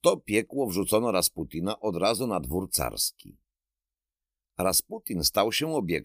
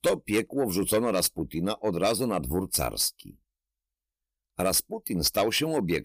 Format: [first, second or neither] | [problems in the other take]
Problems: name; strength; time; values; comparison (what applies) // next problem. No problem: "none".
first | distortion; slight; 10 dB below the speech